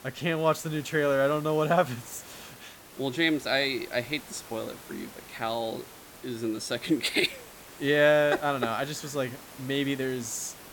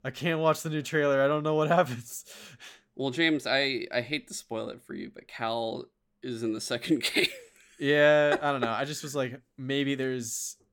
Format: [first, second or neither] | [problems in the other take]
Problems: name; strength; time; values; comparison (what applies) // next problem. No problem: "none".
second | hiss; noticeable; throughout; 20 dB below the speech